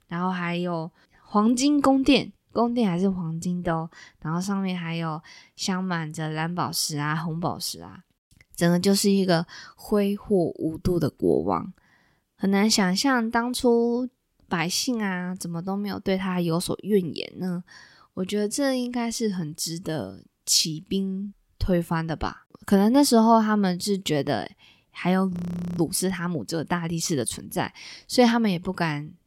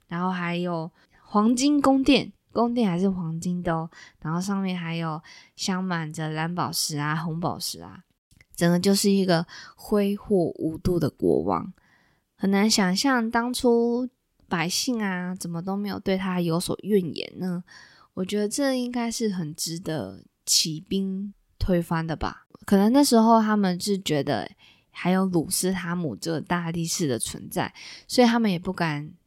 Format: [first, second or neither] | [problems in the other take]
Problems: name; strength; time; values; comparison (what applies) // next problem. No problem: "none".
second | audio freezing; at 25 s